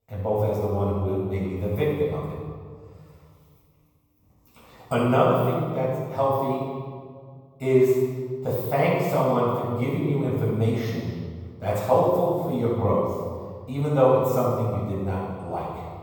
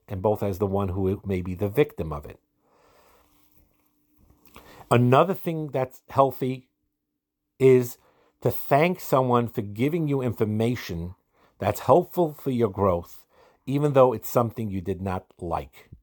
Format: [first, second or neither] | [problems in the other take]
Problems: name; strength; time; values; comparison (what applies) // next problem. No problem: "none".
second | off-mic speech; far // room echo; strong; dies away in 1.5 s